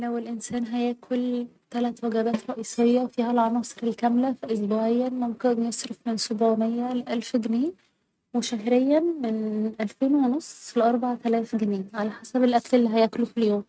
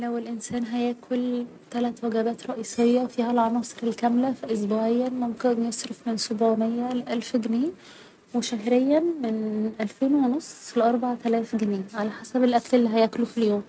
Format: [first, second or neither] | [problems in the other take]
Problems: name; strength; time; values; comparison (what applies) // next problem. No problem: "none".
second | noise reduction (neural mask model RNNoise)